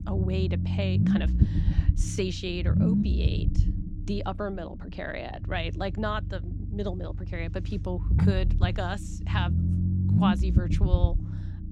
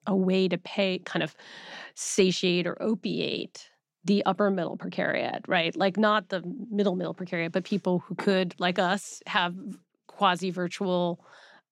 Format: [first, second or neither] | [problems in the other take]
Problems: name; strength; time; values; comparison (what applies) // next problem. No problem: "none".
second | low rumble; loud; throughout; 3 dB below the speech